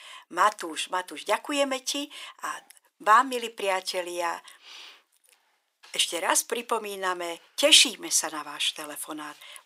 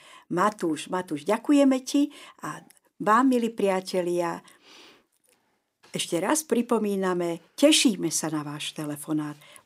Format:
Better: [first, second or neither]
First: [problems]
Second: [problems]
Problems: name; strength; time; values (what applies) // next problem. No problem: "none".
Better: second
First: thin; very; fading below 750 Hz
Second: none